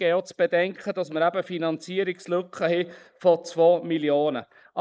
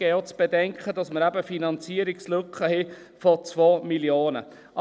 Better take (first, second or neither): second